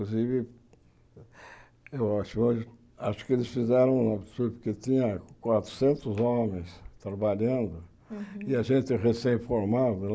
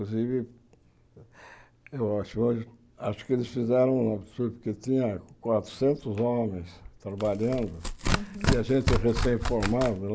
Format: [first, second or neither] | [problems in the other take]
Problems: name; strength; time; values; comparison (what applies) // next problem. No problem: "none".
first | background sound (Tearing); 1 dB below the speech